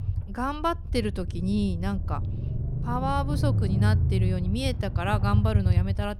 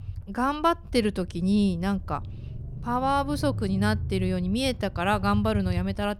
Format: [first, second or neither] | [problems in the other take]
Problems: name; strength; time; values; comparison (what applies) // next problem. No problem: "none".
second | low rumble; loud; throughout; 10 dB below the speech; faint in the second